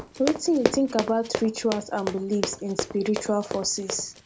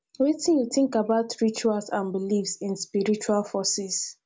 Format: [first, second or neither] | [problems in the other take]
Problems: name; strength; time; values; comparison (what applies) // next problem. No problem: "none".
second | background sound (Run); 6 dB below the speech